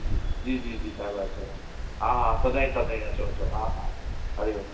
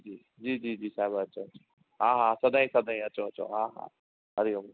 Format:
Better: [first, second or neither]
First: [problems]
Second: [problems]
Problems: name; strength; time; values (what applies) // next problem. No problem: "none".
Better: second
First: background sound (Stream); 2 dB above the speech // room echo; dies away in 1 s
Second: none